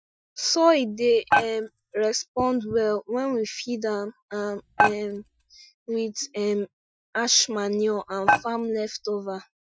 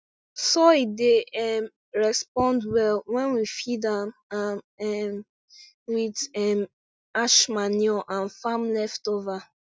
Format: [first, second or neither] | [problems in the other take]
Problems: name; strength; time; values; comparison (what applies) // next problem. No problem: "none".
second | noise reduction (classical method Wiener filter)